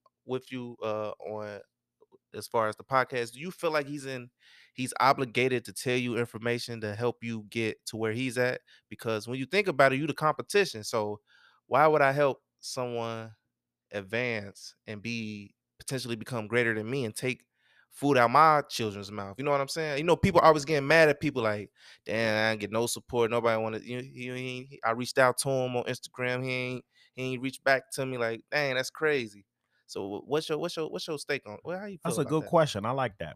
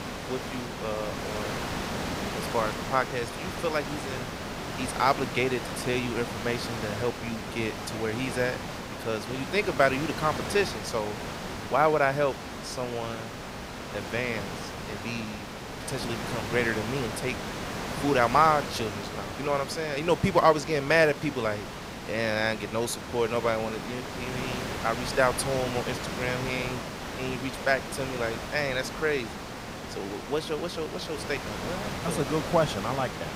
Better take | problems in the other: first | hiss; loud; throughout; 6 dB below the speech

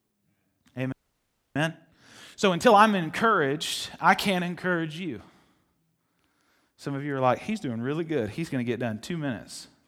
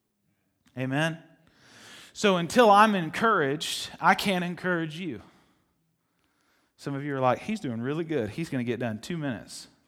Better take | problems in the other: second | audio freezing; at 1 s for 0.5 s

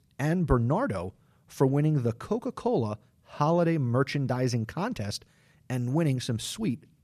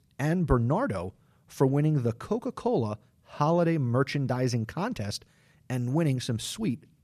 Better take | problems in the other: neither | none

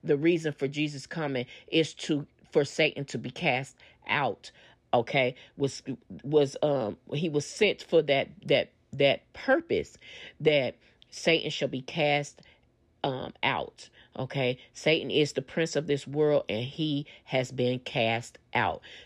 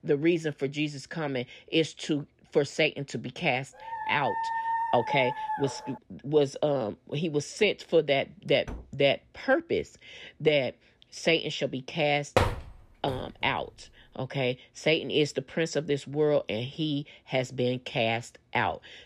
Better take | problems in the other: first | dog barking; noticeable; from 4 to 6 s; peak 1 dB below the speech // door banging; faint; at 8.5 s; peak 15 dB below the speech // door banging; loud; at 12 s; peak 2 dB above the speech

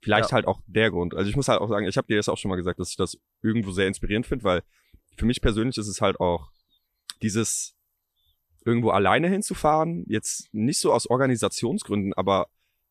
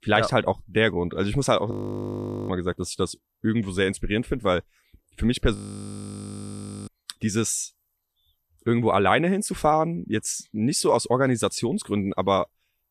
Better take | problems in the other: first | audio freezing; at 1.5 s for 1 s and at 5.5 s for 1.5 s

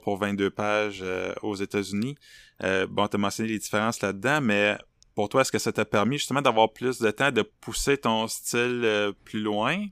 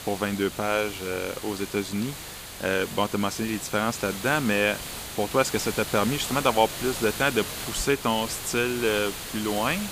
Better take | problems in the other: first | hiss; loud; throughout; 8 dB below the speech

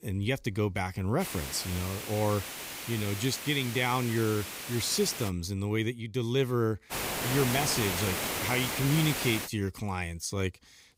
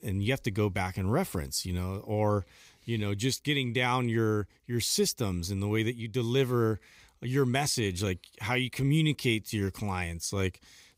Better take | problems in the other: second | hiss; loud; from 1 to 5.5 s and from 7 to 9.5 s; 4 dB below the speech

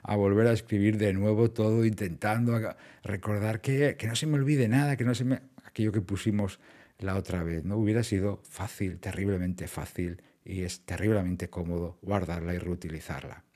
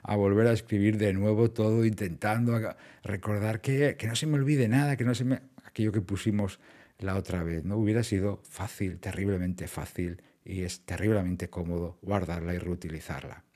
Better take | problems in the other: neither | none

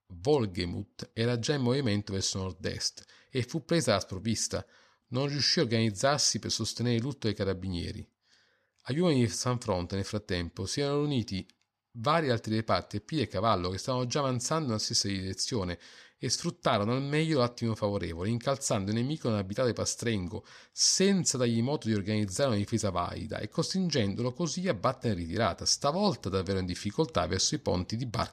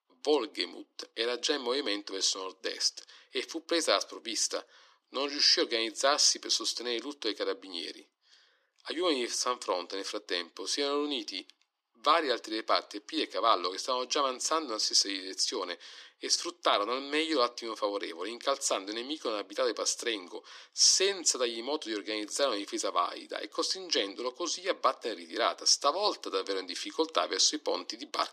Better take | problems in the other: first | thin; very; fading below 300 Hz

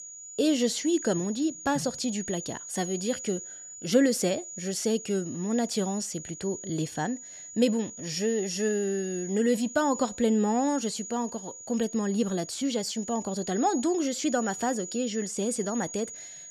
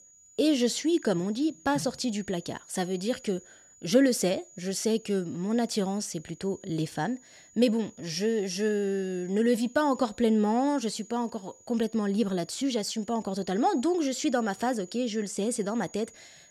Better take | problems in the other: second | high-pitched whine; loud; throughout; 7 kHz, 10 dB below the speech; faint in the second

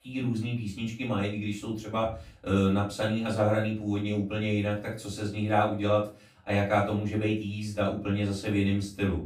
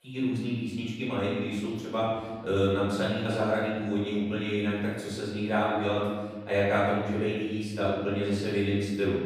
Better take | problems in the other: first | room echo; strong; dies away in 1.5 s; slight in the first // off-mic speech; far; far in the first

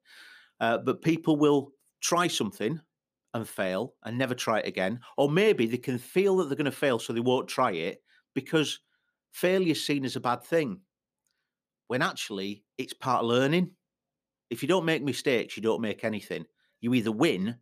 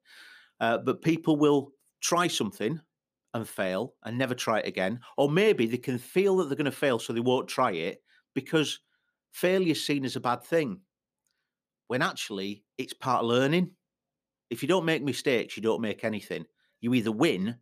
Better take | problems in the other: neither | none

